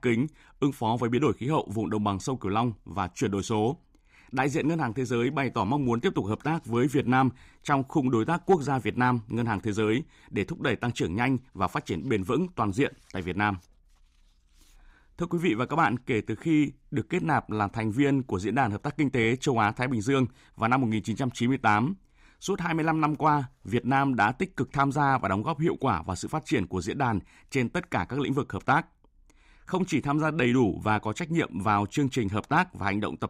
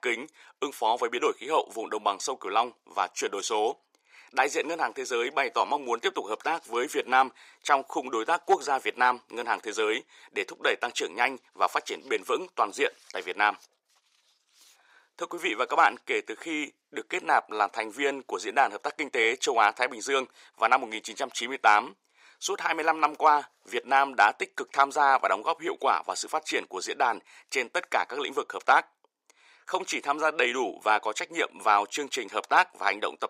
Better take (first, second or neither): first